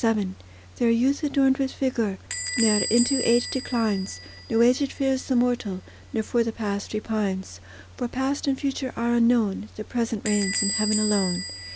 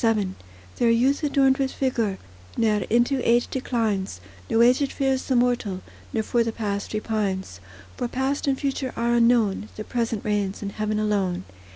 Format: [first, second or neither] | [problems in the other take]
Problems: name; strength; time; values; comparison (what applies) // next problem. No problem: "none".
second | background sound (Door / Bell); 9 dB below the speech